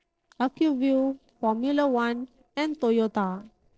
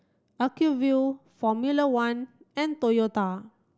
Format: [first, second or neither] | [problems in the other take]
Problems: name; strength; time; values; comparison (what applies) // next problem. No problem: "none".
second | noise reduction (neural separator model SepFormer DNS4)